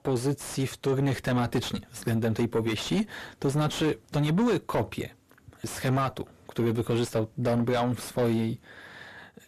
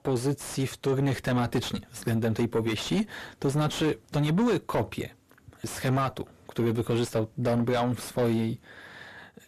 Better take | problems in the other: neither | distortion; heavy; 6 dB below the speech; the same in both

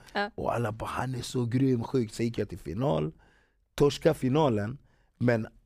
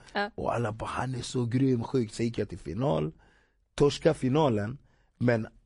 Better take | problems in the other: first | garbled, watery; slightly; nothing above 10.5 kHz

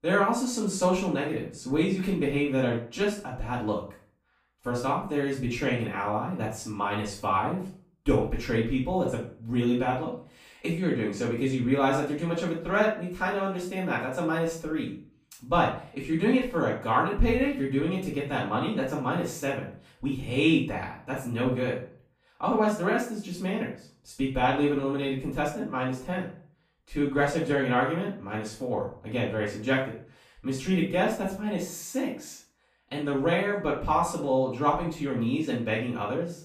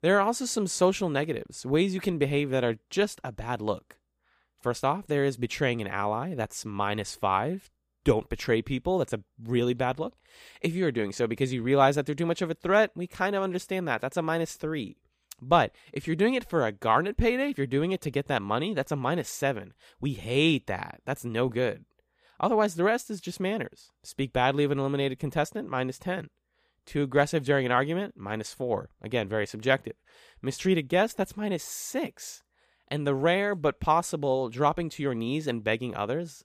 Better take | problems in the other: second | off-mic speech; far // room echo; noticeable; dies away in 0.4 s

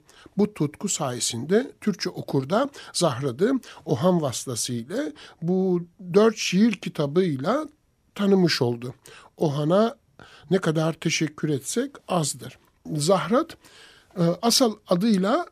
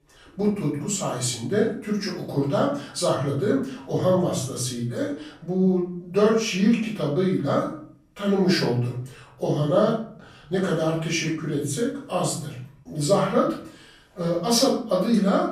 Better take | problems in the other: first | off-mic speech; far // room echo; noticeable; dies away in 0.5 s

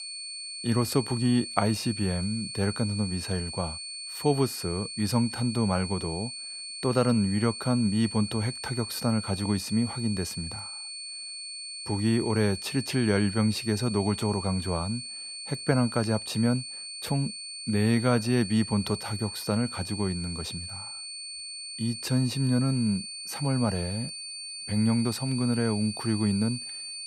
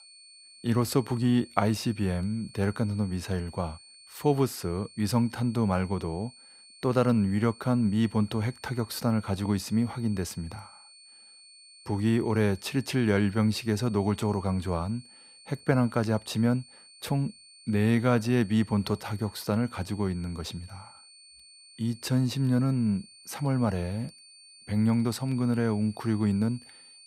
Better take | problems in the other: second | high-pitched whine; loud; throughout; 4.5 kHz, 8 dB below the speech; faint in the second

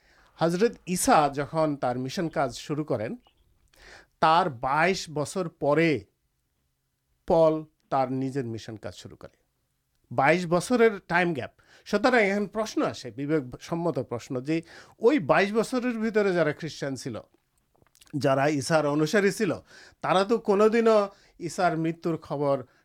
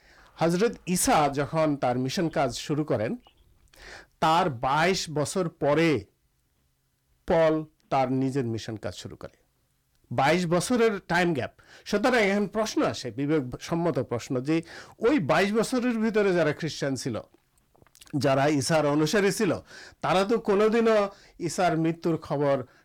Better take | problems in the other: first | distortion; slight; 10 dB below the speech

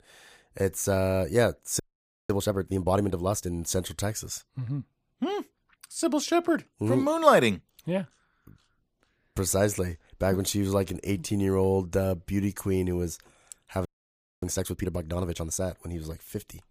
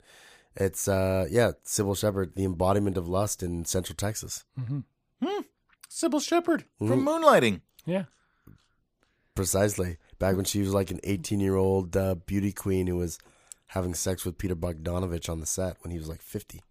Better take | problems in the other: second | audio freezing; at 2 s and at 14 s for 0.5 s

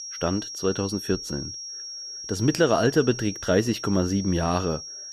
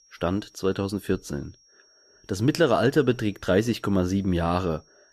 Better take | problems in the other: second | high-pitched whine; loud; throughout; 5.5 kHz, 9 dB below the speech; faint in the second

